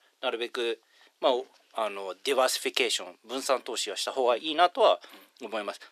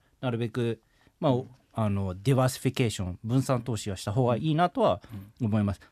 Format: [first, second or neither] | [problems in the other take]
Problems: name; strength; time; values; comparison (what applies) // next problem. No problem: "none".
second | thin; very; fading below 350 Hz